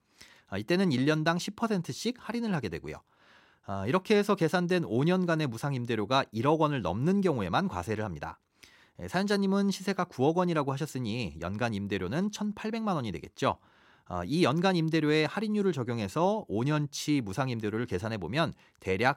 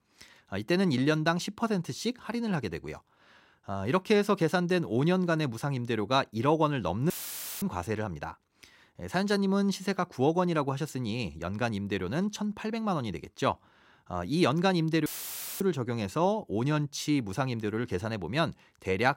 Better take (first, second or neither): first